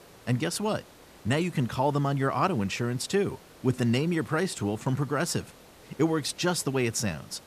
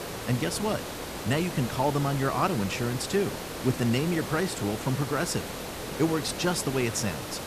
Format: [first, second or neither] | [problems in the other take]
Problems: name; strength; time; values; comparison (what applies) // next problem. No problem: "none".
first | hiss; loud; throughout; 7 dB below the speech; faint in the first